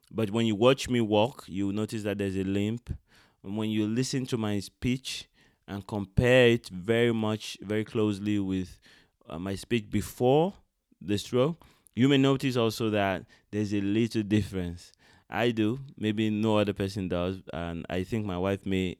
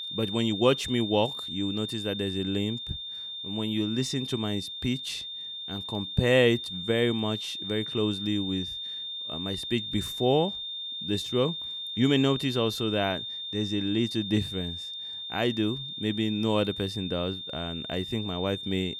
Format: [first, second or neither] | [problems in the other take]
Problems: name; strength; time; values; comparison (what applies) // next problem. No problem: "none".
first | high-pitched whine; loud; throughout; 3.5 kHz, 5 dB below the speech